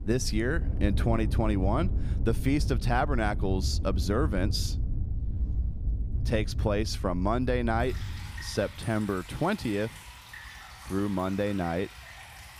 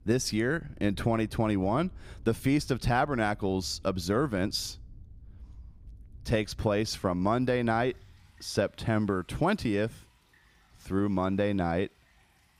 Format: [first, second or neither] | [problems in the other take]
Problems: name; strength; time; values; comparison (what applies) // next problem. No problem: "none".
second | rain or running water; loud; throughout; 2 dB below the speech; faint in the second